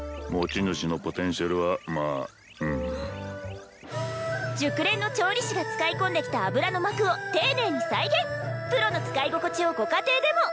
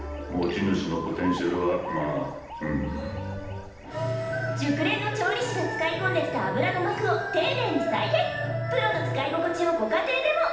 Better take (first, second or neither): first